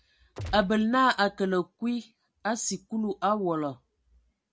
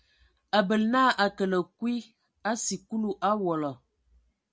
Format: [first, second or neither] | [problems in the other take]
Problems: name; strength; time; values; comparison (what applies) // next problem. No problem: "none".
second | background sound (Gunshot, gunfire); 10 dB below the speech